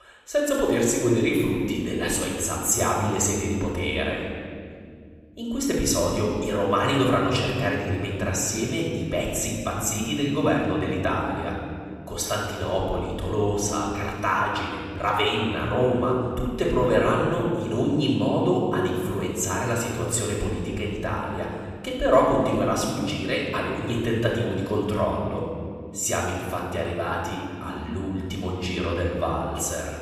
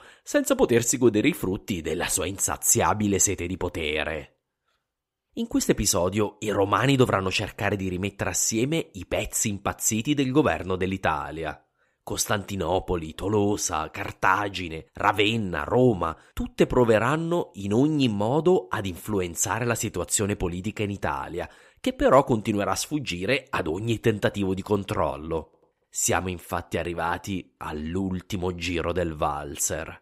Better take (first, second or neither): second